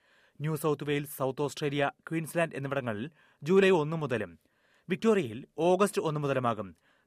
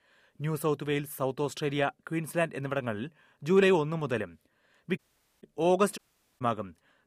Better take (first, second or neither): first